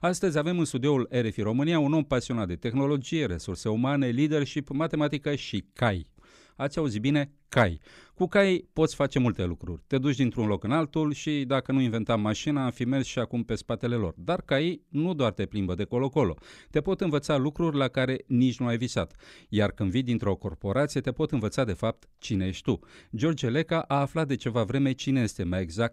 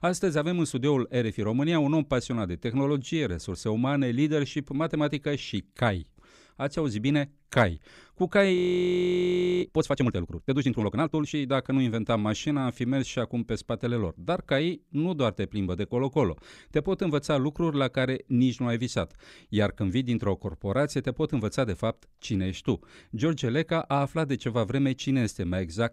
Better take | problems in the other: first | audio freezing; at 8.5 s for 1 s

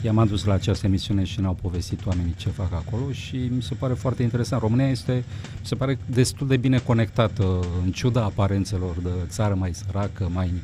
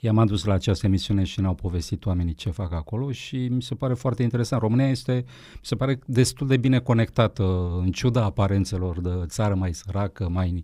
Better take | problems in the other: second | hiss; noticeable; throughout; 10 dB below the speech

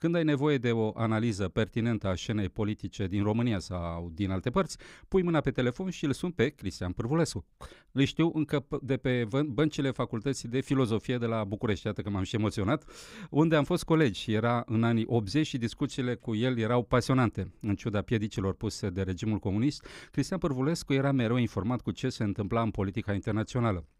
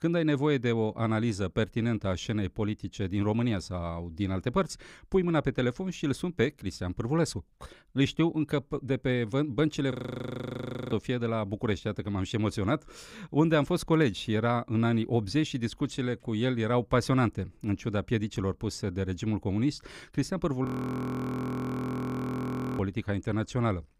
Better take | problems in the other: first | audio freezing; at 10 s for 1 s and at 21 s for 2 s

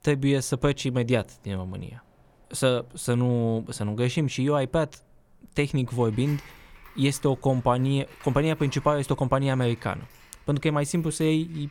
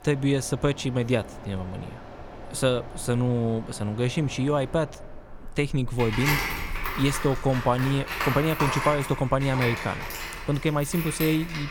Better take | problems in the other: first | machinery noise; loud; throughout; 7 dB below the speech; faint in the first

